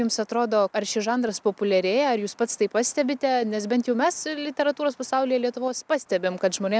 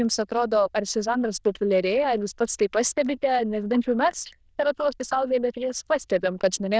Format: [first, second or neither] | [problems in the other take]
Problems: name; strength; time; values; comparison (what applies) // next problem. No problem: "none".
first | noise reduction (neural diffusion model UNIVERSE++)